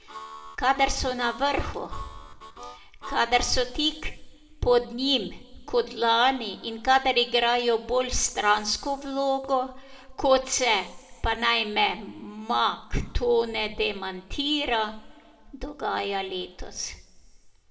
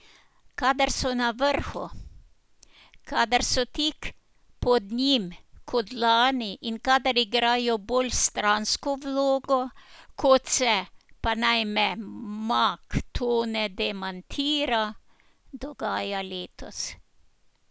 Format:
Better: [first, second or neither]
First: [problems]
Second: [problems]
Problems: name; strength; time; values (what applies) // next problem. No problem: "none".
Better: second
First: background sound (Harmonica); 16 dB below the speech // room echo; dies away in 1.2 s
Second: none